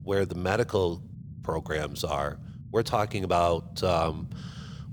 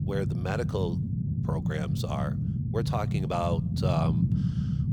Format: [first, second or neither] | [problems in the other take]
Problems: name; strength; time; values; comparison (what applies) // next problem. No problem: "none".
first | low rumble; loud; throughout; 5 dB below the speech; faint in the first